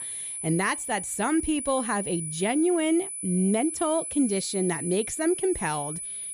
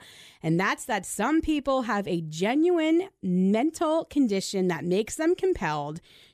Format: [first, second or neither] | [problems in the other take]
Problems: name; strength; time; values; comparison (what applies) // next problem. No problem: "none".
second | high-pitched whine; loud; throughout; 10 kHz, 5 dB below the speech